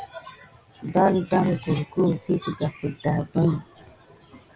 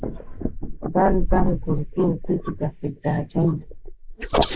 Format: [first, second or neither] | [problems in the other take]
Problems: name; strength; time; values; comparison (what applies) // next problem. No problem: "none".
first | noise reduction (neural mask model Resemble Enhance denoiser)